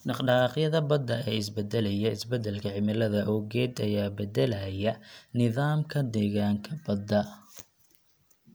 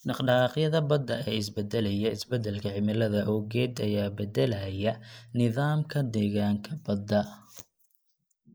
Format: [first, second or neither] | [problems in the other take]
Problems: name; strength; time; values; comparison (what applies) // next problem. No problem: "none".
first | noise reduction (neural mask model Resemble Enhance denoiser)